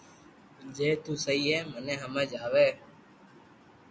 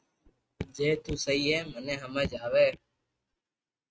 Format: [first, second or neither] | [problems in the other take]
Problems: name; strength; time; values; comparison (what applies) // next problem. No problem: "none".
first | noise reduction (neural mask model RNNoise)